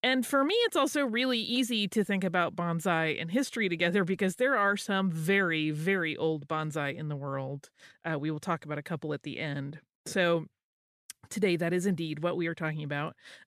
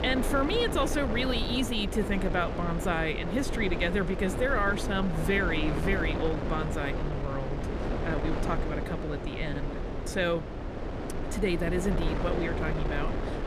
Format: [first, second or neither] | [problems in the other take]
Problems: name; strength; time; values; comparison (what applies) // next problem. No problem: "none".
first | wind noise on the microphone; heavy; 5 dB below the speech